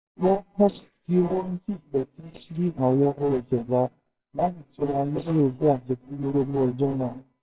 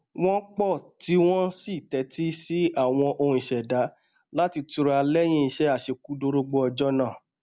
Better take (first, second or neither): second